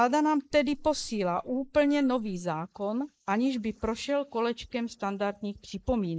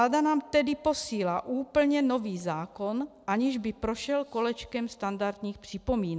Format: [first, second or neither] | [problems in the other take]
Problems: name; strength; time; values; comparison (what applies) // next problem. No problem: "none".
second | noise reduction (neural mask model Resemble Enhance denoiser)